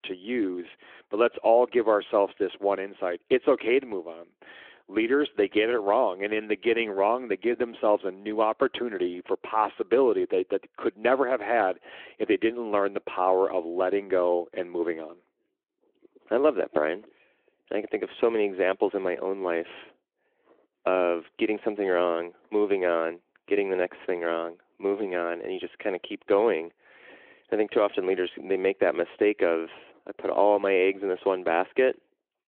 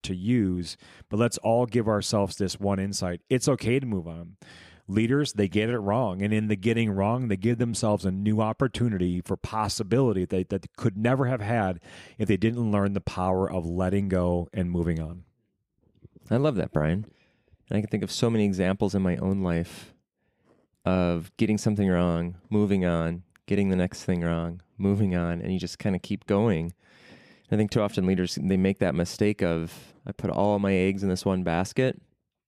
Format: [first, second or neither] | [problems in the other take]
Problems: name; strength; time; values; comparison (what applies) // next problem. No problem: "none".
second | phone-call audio